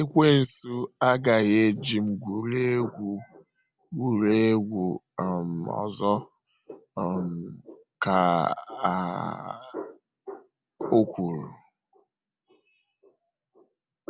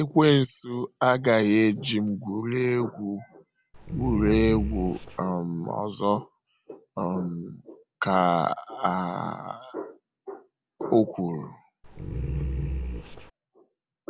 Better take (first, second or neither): first